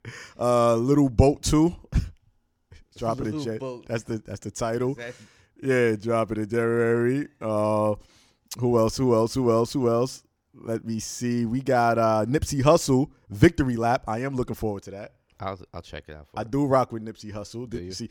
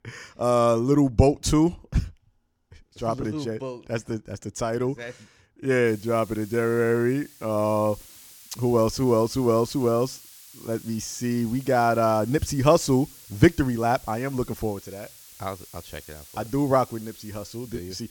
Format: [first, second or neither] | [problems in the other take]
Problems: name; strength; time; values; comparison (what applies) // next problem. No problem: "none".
first | hiss; faint; from 6 s on; 20 dB below the speech